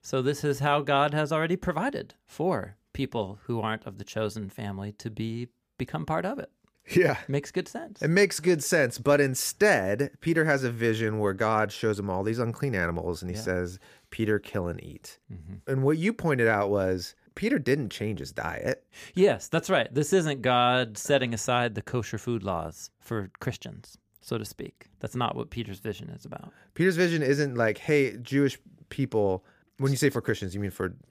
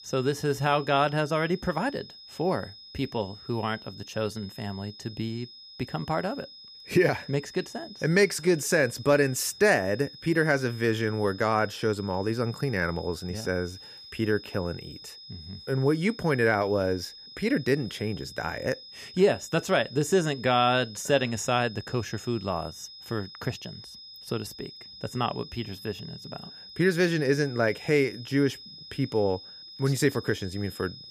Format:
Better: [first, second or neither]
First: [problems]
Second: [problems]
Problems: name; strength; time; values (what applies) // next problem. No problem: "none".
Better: first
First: none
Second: high-pitched whine; noticeable; throughout; 5 kHz, 15 dB below the speech